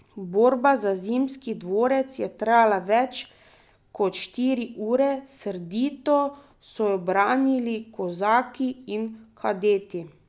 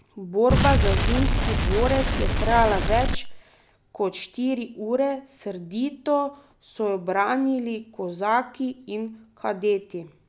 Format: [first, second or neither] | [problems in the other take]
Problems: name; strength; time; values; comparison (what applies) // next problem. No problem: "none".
first | background sound (Explosion); 4 dB above the speech